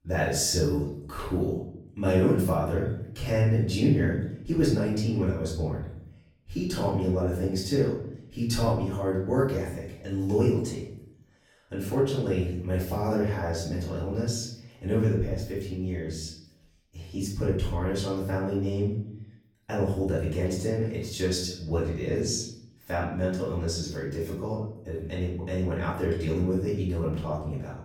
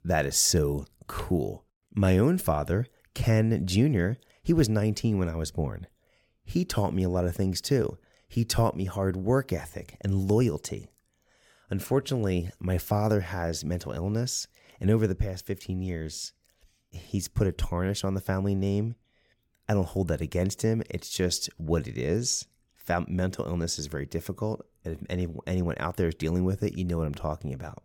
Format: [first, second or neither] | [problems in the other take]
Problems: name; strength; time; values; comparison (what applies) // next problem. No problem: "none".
second | off-mic speech; far // room echo; noticeable; dies away in 0.6 s